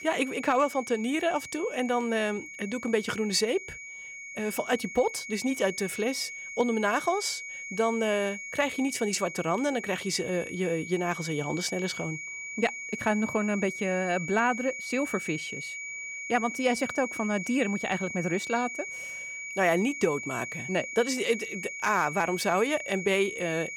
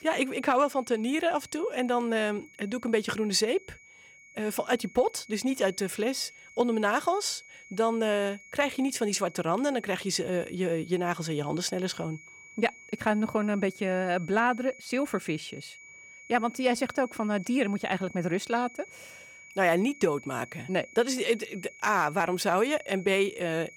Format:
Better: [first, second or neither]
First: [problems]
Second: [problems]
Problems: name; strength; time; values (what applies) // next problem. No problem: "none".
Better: second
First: high-pitched whine; loud; throughout; 2.5 kHz, 8 dB below the speech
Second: high-pitched whine; faint; throughout; 2.5 kHz, 20 dB below the speech